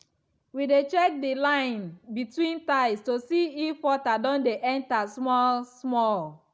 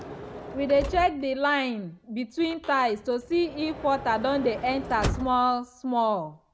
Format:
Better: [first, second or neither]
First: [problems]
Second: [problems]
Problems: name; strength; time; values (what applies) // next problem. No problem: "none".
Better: first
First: none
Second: background sound (Sliding door / Motor vehicle (road)); 11 dB below the speech